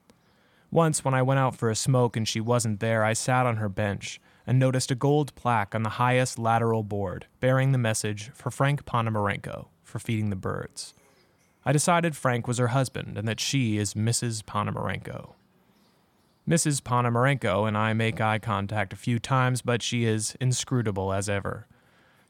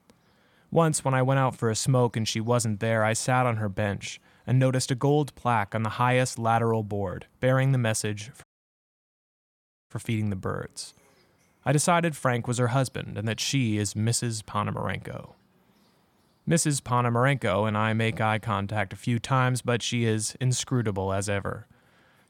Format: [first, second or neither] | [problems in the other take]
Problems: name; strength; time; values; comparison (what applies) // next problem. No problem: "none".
first | audio cutting out; at 8.5 s for 1.5 s